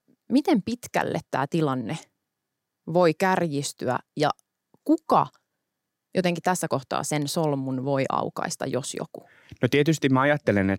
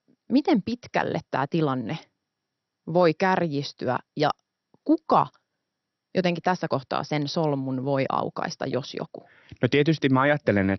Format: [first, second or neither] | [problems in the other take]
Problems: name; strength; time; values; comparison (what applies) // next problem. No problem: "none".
first | garbled, watery; slightly; nothing above 6 kHz